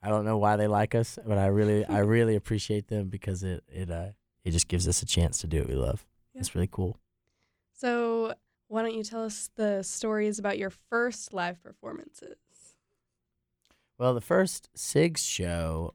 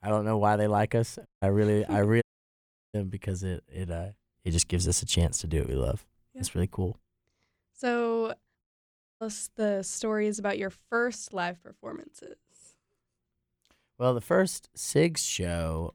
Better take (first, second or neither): first